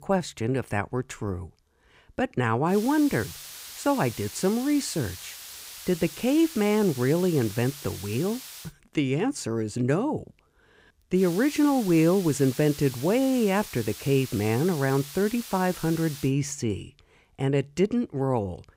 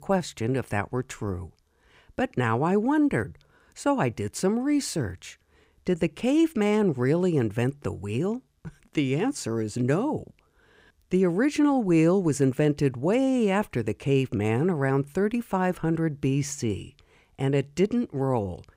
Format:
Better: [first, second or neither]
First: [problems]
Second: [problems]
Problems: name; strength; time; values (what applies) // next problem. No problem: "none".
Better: second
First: hiss; noticeable; from 2.5 to 8.5 s and from 11 to 16 s; 15 dB below the speech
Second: none